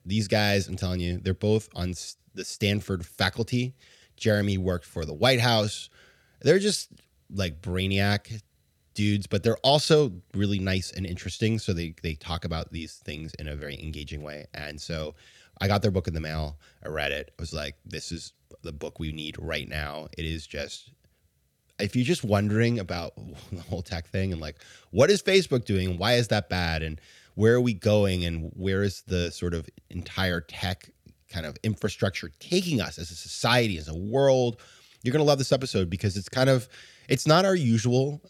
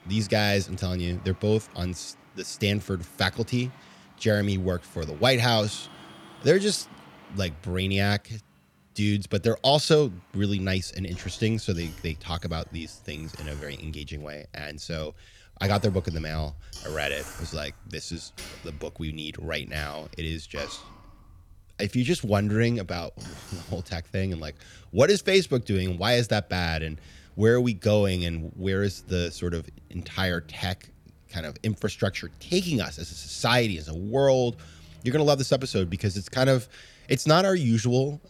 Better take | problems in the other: first | traffic noise; faint; throughout; 25 dB below the speech

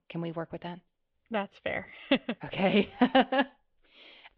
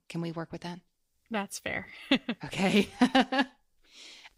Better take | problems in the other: second | muffled; very; fading above 3.5 kHz

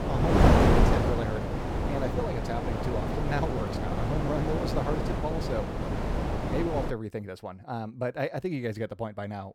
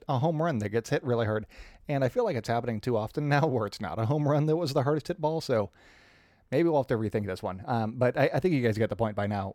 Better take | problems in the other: second | wind noise on the microphone; heavy; until 7 s; 4 dB above the speech

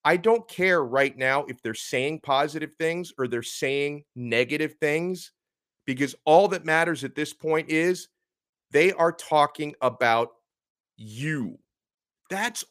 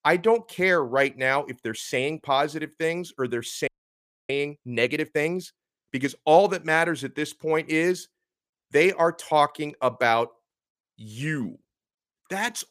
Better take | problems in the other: first | audio freezing; at 3.5 s for 0.5 s

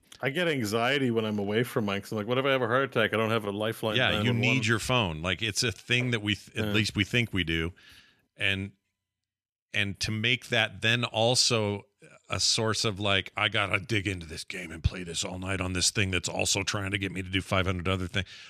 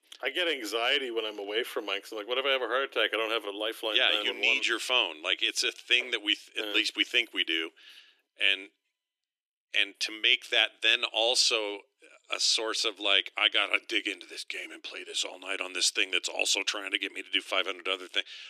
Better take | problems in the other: first | thin; very; fading below 300 Hz

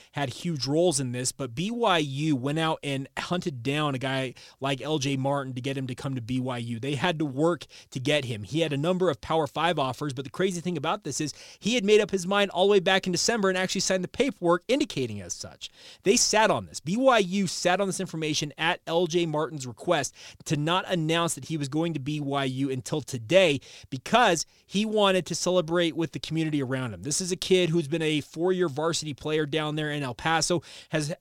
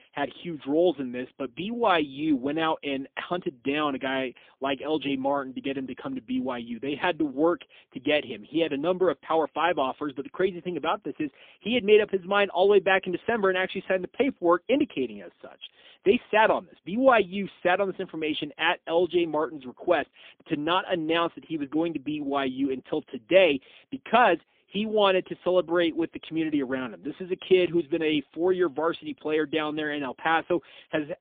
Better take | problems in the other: first | phone-call audio; poor line; nothing above 3.5 kHz

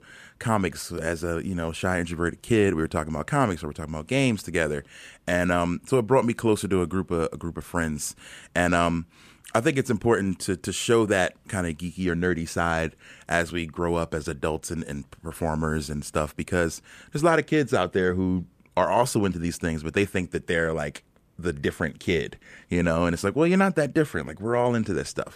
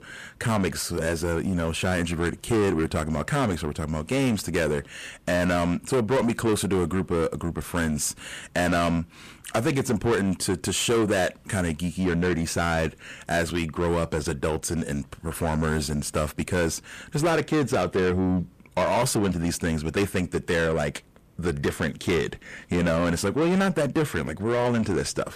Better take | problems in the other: first | distortion; heavy; 7 dB below the speech

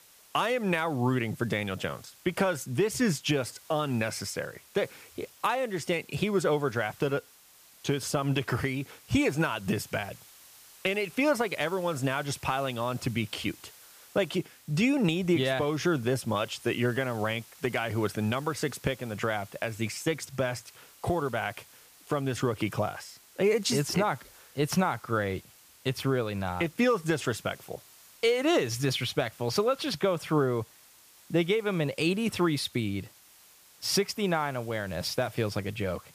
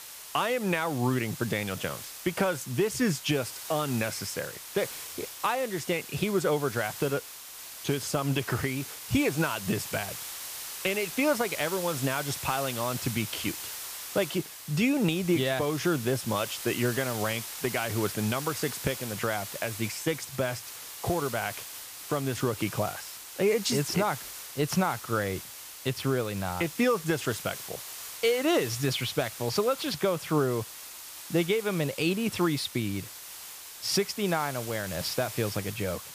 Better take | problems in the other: first | hiss; loud; throughout; 9 dB below the speech; faint in the first

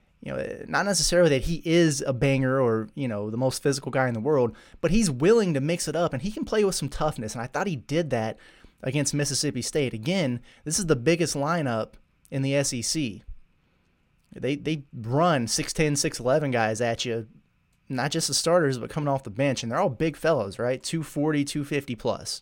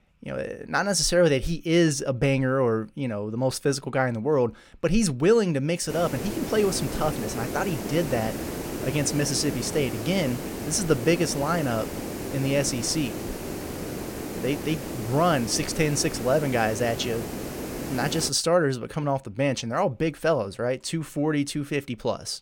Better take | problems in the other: first | hiss; loud; from 6 to 18 s; 7 dB below the speech

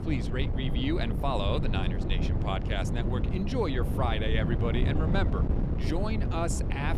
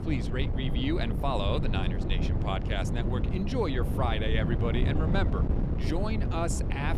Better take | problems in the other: neither | wind noise on the microphone; heavy; 5 dB below the speech; the same in both

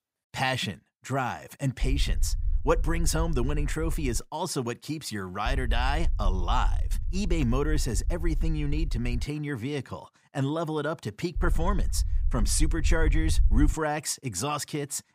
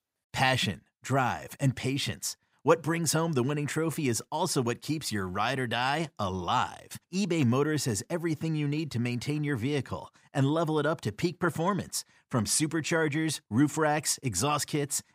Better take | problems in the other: second | low rumble; faint; from 2 to 4 s, from 5.5 to 9 s and from 11 to 14 s; 20 dB below the speech

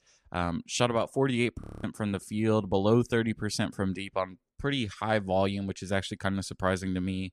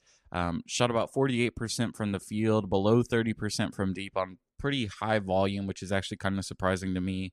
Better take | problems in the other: second | audio freezing; at 1.5 s

